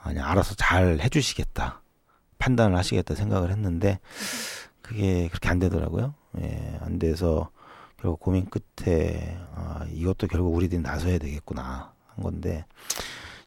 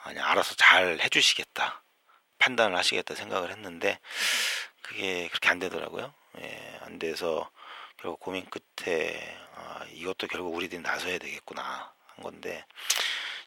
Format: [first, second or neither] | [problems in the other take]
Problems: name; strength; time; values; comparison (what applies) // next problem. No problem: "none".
first | thin; very; fading below 550 Hz